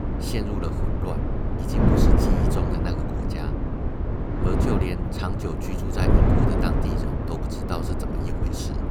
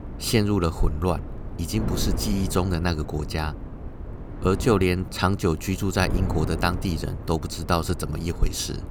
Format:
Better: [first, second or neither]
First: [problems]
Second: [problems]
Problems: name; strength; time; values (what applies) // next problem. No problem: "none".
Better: second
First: wind noise on the microphone; heavy; 5 dB above the speech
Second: wind noise on the microphone; occasional gusts; 15 dB below the speech